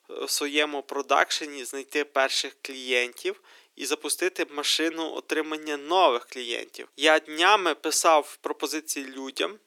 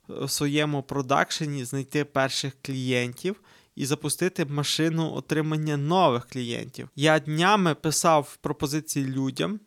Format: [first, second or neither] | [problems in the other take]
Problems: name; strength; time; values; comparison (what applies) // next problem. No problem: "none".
second | thin; very; fading below 350 Hz